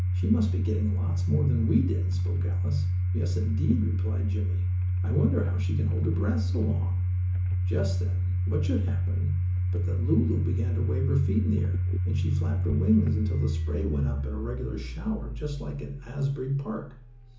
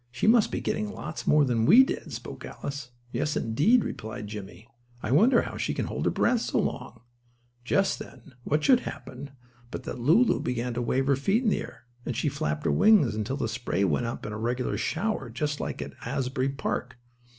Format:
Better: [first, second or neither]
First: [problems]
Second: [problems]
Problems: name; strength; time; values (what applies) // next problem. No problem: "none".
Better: second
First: background sound (Domestic sounds, home sounds); 4 dB above the speech // room echo; dies away in 0.7 s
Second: none